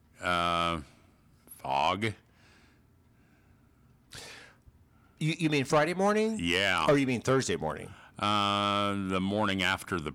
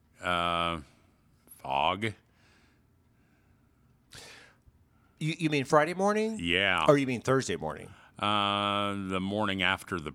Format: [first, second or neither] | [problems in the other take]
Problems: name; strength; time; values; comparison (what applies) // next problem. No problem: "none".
second | distortion; slight; 10 dB below the speech